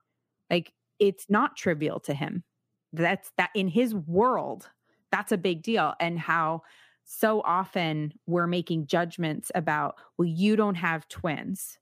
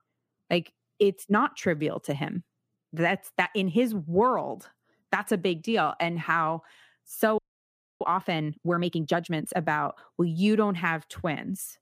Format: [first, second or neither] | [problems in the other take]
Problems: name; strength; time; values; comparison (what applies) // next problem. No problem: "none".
first | audio freezing; at 7.5 s for 0.5 s